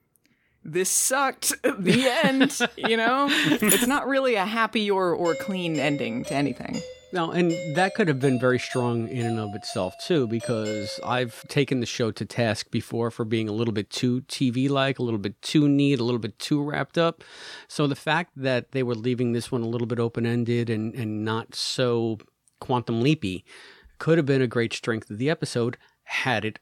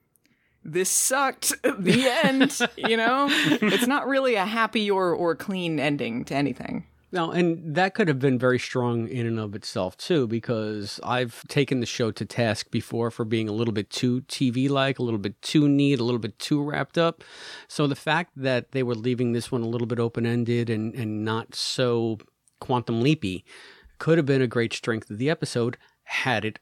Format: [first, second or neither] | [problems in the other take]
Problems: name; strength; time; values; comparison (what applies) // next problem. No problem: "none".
second | jangling keys; loud; at 3.5 s; peak 1 dB above the speech // doorbell; noticeable; from 5.5 to 11 s; peak 9 dB below the speech